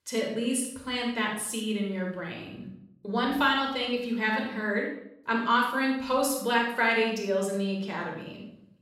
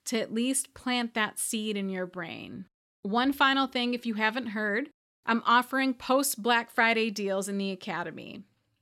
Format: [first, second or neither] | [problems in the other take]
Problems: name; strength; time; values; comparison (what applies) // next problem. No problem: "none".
second | off-mic speech; somewhat distant // room echo; noticeable; dies away in 0.6 s